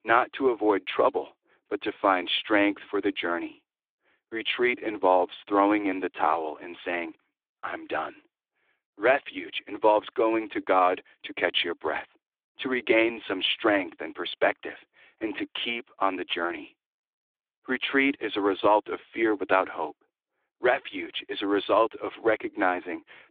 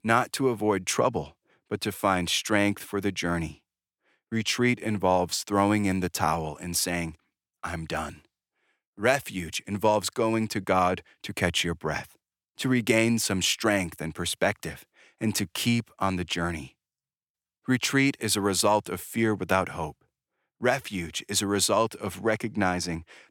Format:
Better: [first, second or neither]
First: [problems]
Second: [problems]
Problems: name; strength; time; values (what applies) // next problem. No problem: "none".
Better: second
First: phone-call audio; nothing above 3.5 kHz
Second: none